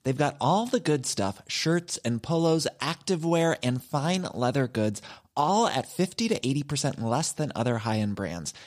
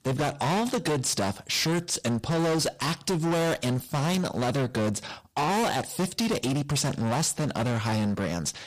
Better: first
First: none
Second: distortion; heavy; 27% of the sound clipped

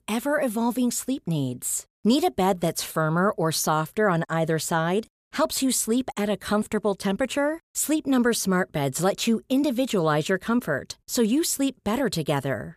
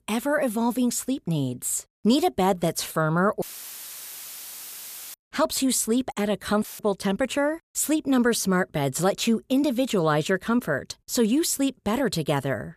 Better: first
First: none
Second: audio cutting out; filled with static; at 3.5 s for 1.5 s and at 6.5 s

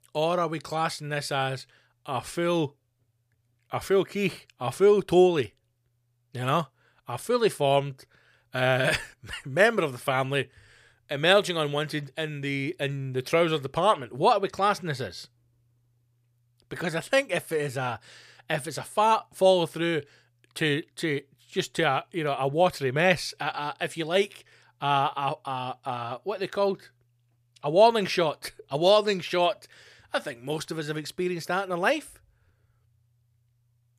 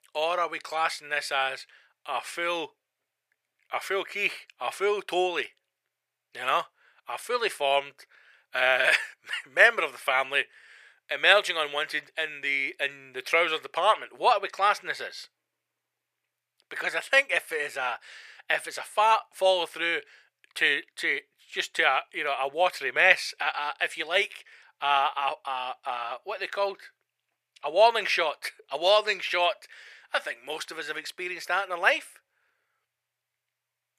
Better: first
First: none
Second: thin; very; fading below 650 Hz

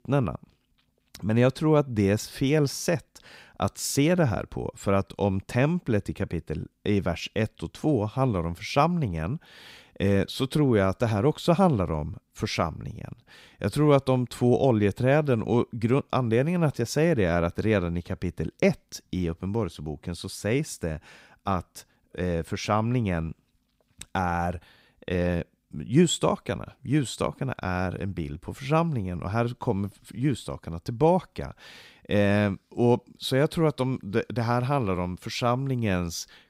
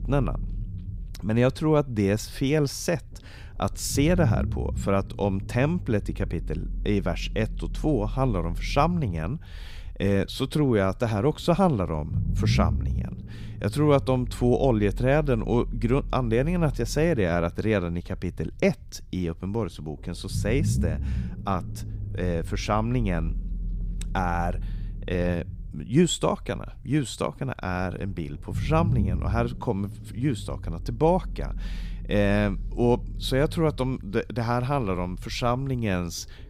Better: first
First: none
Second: low rumble; noticeable; throughout; 20 dB below the speech

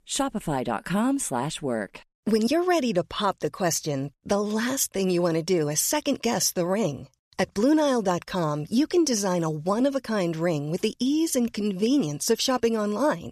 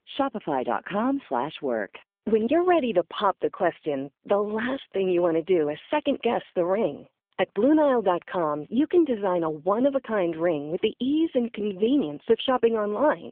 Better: first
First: none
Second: phone-call audio; nothing above 3.5 kHz

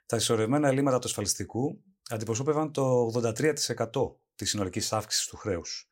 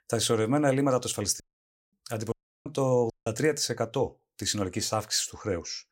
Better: first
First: none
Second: audio cutting out; at 1.5 s for 0.5 s, at 2.5 s and at 3 s

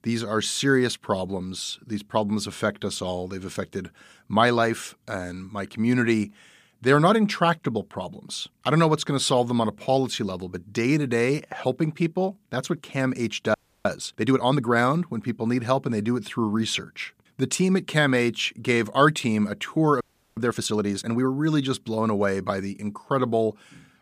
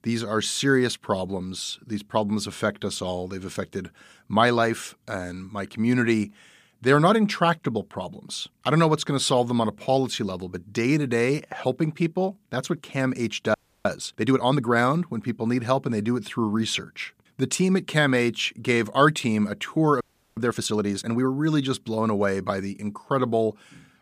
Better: neither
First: audio freezing; at 14 s and at 20 s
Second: audio freezing; at 14 s and at 20 s

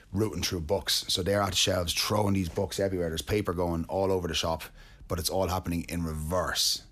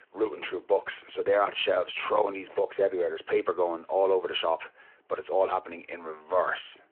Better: first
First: none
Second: phone-call audio

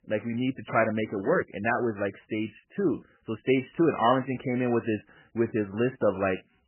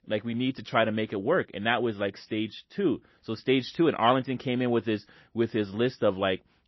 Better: second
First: garbled, watery; badly; nothing above 3 kHz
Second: garbled, watery; slightly; nothing above 5.5 kHz

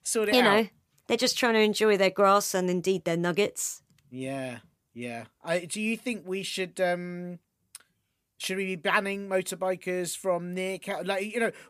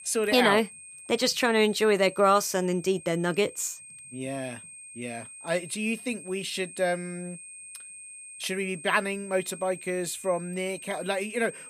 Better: first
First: none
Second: high-pitched whine; noticeable; throughout; 8.5 kHz, 15 dB below the speech

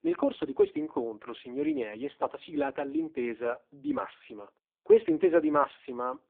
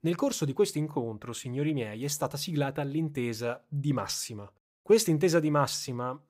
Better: second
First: phone-call audio; poor line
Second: none

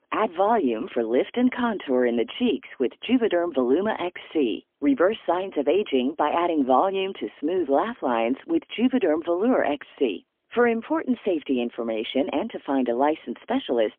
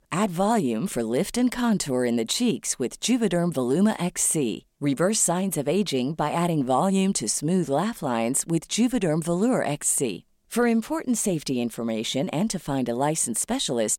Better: second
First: phone-call audio; poor line; nothing above 3.5 kHz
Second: none

